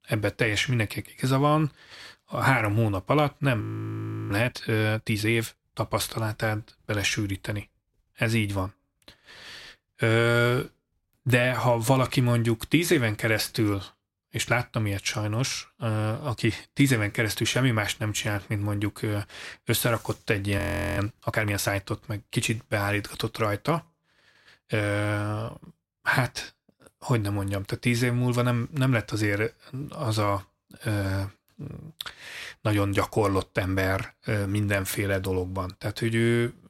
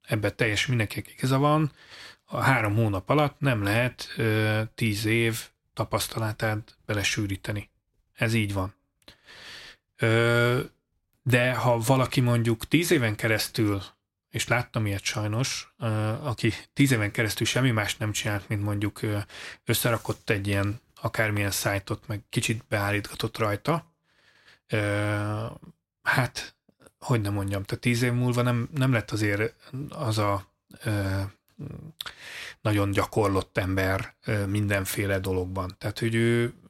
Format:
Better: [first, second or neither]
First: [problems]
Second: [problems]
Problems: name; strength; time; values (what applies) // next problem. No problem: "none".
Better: second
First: audio freezing; at 3.5 s for 0.5 s and at 21 s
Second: none